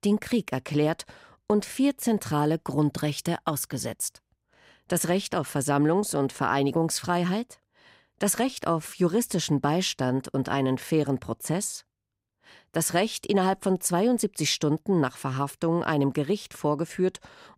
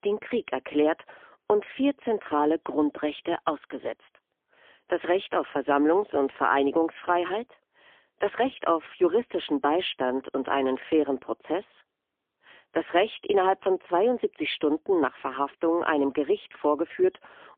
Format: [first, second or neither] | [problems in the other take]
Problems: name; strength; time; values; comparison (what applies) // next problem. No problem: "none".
first | phone-call audio; poor line; nothing above 3.5 kHz